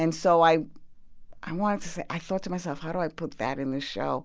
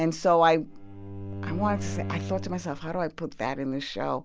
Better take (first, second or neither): first